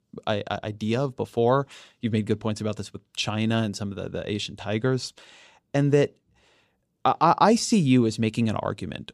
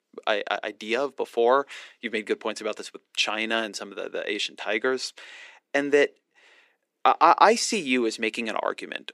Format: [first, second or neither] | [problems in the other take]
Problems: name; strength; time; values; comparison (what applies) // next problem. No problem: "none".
first | thin; somewhat; fading below 300 Hz